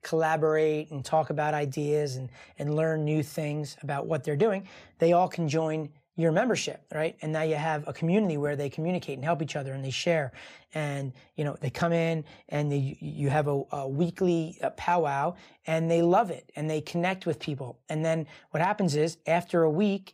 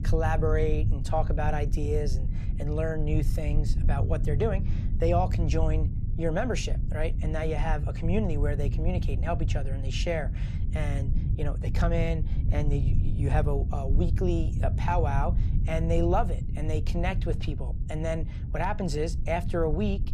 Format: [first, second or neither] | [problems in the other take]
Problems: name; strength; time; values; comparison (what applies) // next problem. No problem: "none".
first | low rumble; noticeable; throughout; 10 dB below the speech